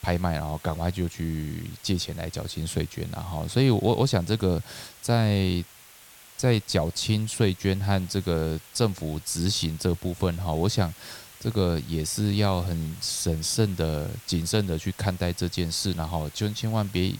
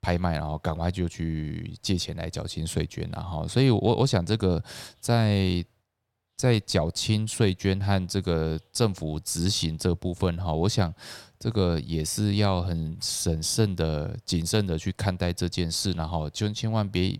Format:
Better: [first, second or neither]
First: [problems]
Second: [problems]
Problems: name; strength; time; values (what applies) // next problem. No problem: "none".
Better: second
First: hiss; noticeable; throughout; 20 dB below the speech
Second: none